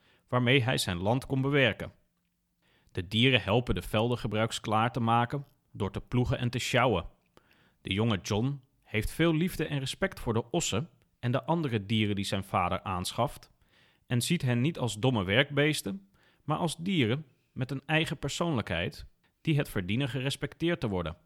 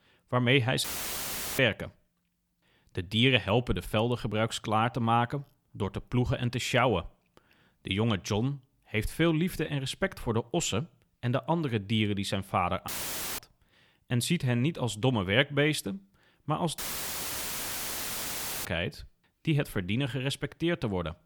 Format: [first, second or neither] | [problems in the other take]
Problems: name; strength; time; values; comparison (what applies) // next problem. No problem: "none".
first | audio cutting out; filled with static; at 1 s for 1 s, at 13 s for 0.5 s and at 17 s for 2 s